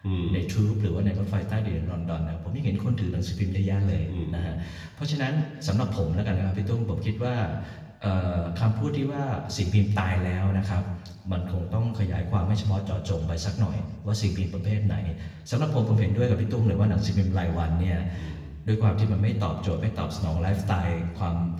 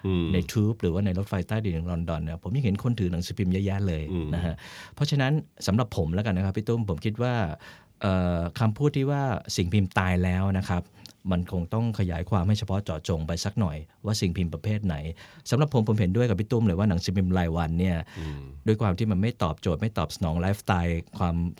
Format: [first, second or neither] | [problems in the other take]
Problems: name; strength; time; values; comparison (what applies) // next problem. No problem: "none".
second | room echo; slight; dies away in 1.1 s // off-mic speech; somewhat distant